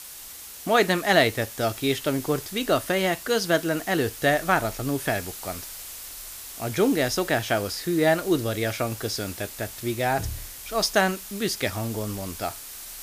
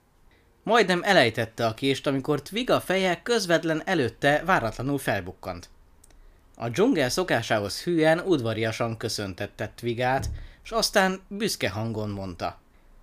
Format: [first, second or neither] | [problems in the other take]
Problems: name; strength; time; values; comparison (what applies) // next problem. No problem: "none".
second | hiss; noticeable; throughout; 10 dB below the speech